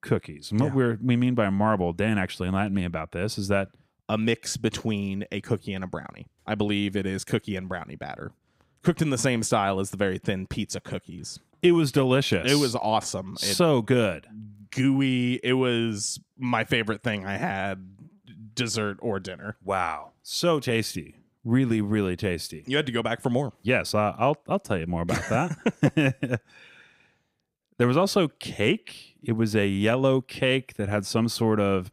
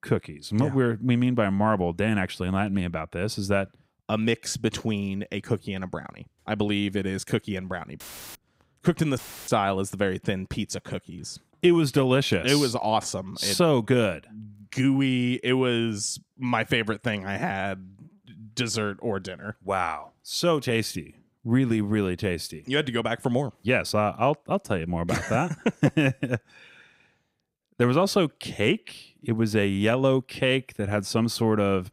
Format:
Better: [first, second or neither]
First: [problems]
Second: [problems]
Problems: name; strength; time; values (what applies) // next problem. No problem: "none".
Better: first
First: none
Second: audio cutting out; filled with static; at 8 s and at 9 s